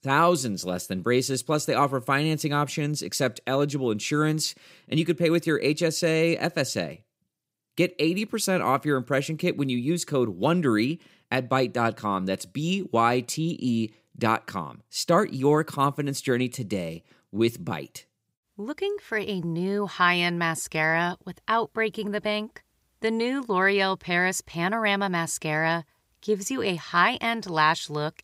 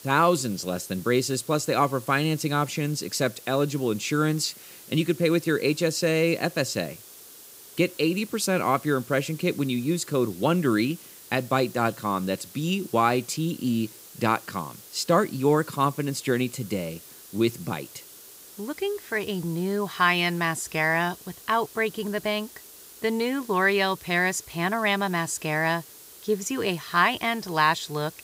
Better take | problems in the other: first | hiss; noticeable; throughout; 20 dB below the speech

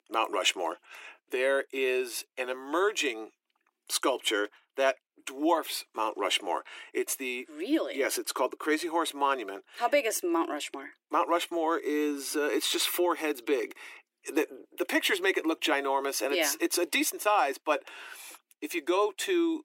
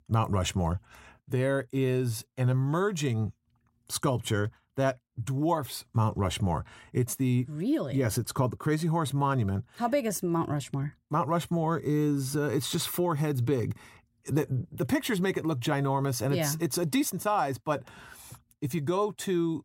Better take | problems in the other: second | thin; very; fading below 300 Hz

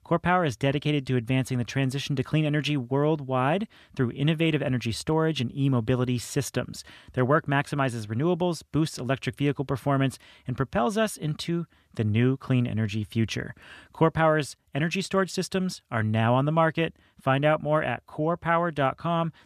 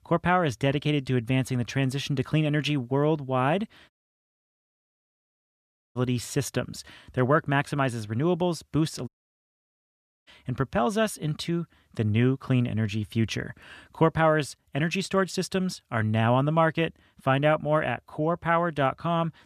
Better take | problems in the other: first | audio cutting out; at 4 s for 2 s and at 9 s for 1 s

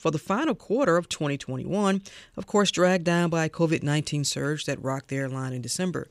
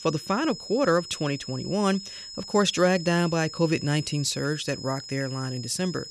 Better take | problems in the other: first | high-pitched whine; noticeable; throughout; 5 kHz, 10 dB below the speech

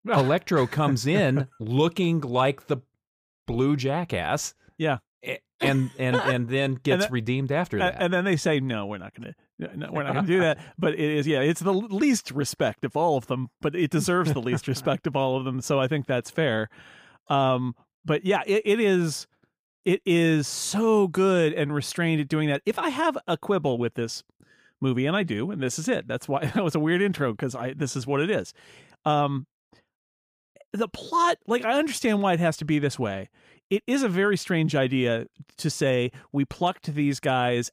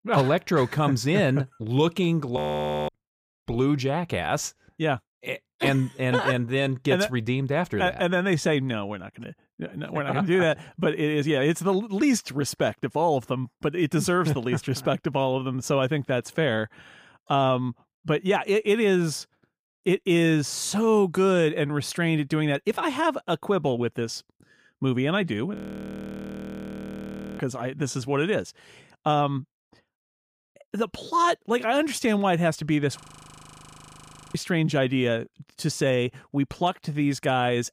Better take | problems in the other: first | audio freezing; at 2.5 s for 0.5 s, at 26 s for 2 s and at 33 s for 1.5 s

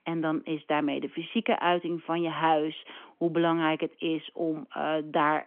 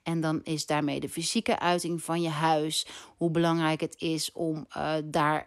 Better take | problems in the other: second | phone-call audio; nothing above 3.5 kHz

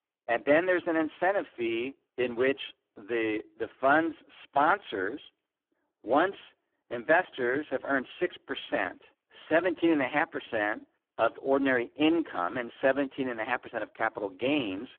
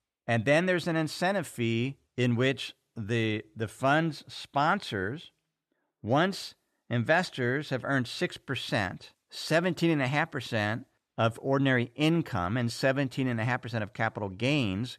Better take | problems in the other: second | phone-call audio; poor line

